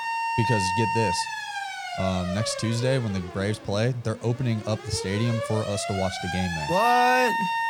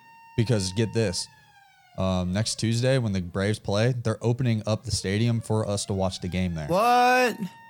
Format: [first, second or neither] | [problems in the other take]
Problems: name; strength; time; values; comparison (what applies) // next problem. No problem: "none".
second | alarms or sirens; loud; throughout; 2 dB below the speech; faint in the second